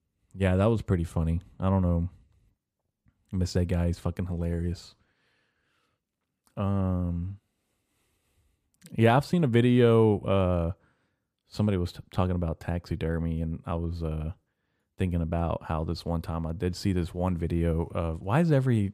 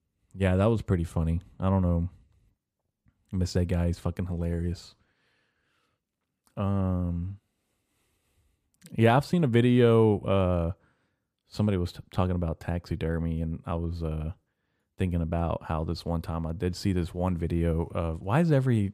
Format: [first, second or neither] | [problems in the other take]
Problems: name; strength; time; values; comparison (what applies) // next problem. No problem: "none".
neither | none